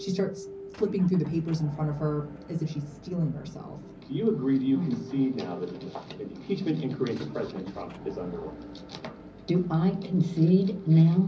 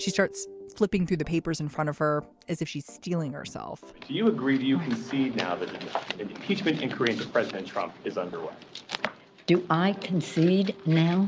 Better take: second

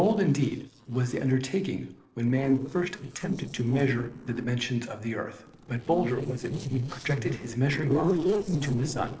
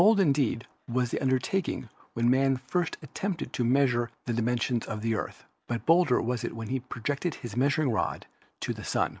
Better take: second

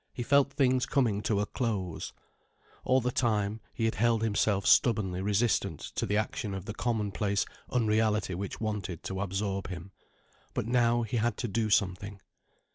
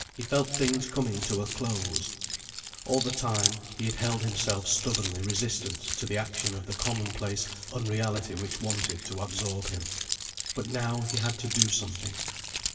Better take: first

